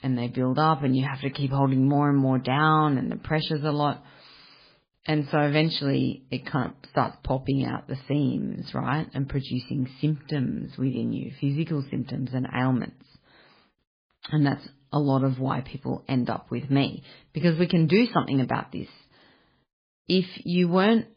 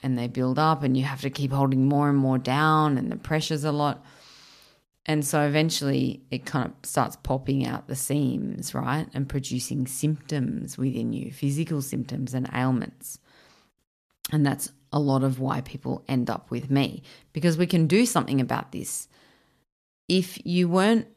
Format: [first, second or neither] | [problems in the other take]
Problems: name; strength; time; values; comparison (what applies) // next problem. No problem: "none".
second | garbled, watery; badly; nothing above 4.5 kHz